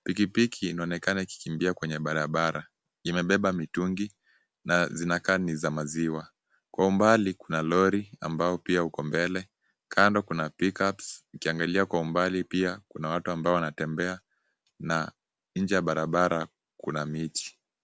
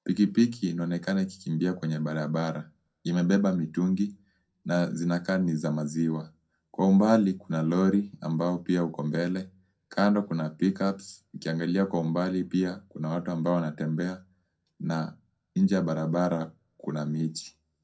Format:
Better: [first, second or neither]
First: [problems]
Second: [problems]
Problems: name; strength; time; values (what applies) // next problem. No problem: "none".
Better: first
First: none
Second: room echo; dies away in 0.2 s